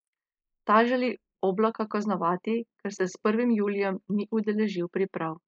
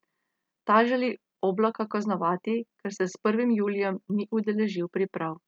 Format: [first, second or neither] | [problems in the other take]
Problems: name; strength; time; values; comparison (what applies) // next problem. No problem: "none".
second | noise reduction (neural mask model Resemble Enhance denoiser)